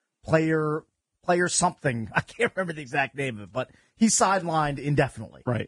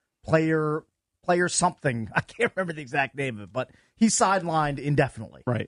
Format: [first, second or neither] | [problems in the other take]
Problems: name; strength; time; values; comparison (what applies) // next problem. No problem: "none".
second | garbled, watery; badly